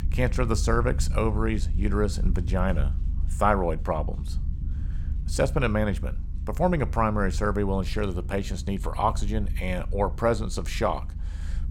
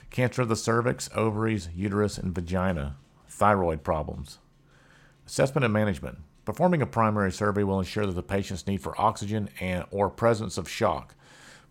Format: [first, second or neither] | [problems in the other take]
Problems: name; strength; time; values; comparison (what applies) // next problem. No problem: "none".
second | low rumble; faint; throughout; 20 dB below the speech